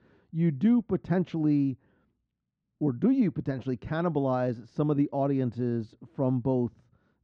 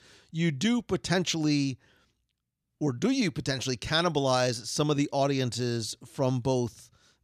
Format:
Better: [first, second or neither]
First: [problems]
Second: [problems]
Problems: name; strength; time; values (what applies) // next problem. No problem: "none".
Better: second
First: muffled; very; fading above 1 kHz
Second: none